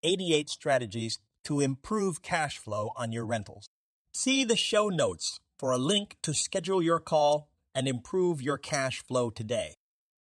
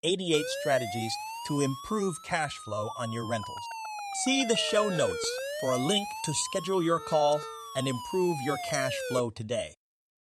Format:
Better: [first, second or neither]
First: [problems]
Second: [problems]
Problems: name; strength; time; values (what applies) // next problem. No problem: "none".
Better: first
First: none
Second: siren; noticeable; until 9 s; peak 4 dB below the speech